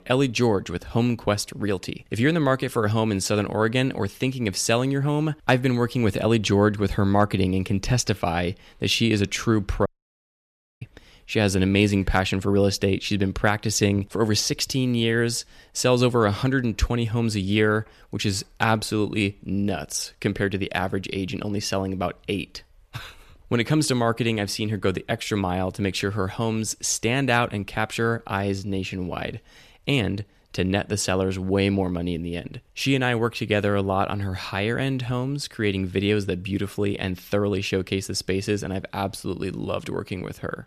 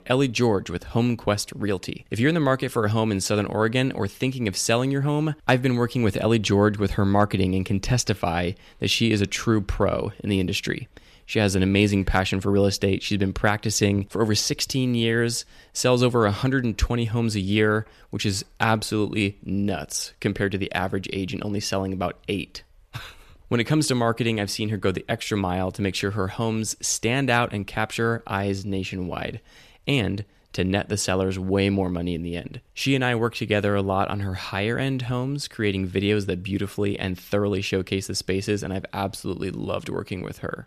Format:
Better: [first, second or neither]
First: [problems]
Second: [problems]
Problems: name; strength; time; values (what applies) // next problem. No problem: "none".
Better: second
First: audio cutting out; at 10 s for 1 s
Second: none